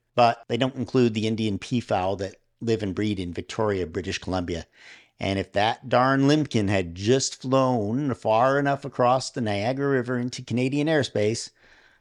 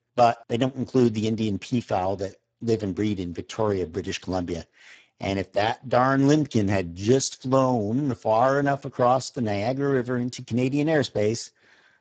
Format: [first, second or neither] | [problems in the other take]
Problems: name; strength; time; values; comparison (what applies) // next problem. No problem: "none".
first | garbled, watery; badly; nothing above 7.5 kHz